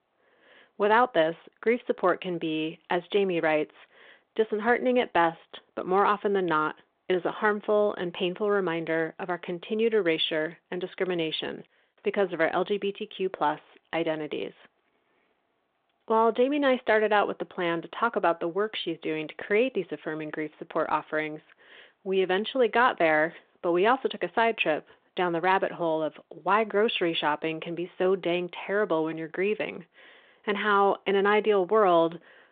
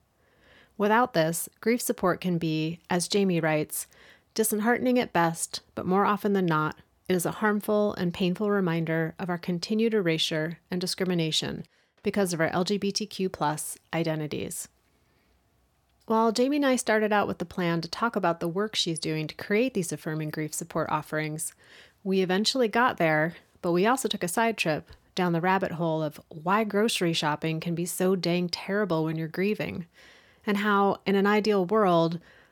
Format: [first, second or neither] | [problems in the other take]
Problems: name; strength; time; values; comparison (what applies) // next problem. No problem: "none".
second | phone-call audio